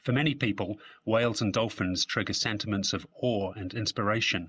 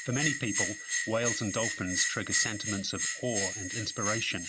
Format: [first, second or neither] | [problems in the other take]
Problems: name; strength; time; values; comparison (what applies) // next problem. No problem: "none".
first | background sound (Bell); as loud as the speech